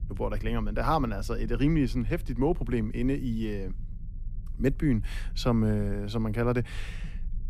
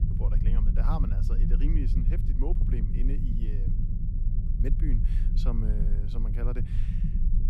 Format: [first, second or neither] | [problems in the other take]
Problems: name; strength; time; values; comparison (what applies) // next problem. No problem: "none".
first | low rumble; loud; throughout; 2 dB below the speech; faint in the first